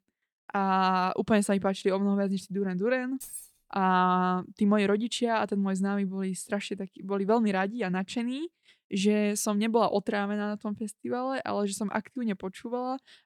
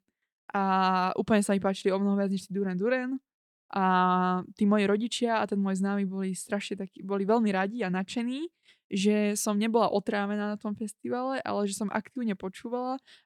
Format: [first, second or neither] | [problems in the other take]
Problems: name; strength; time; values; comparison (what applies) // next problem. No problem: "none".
second | jangling keys; faint; at 3 s; peak 10 dB below the speech